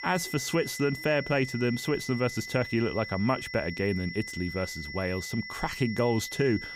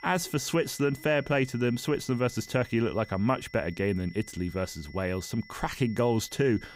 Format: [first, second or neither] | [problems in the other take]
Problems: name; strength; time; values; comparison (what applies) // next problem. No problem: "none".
second | high-pitched whine; loud; throughout; 2 kHz, 9 dB below the speech; faint in the second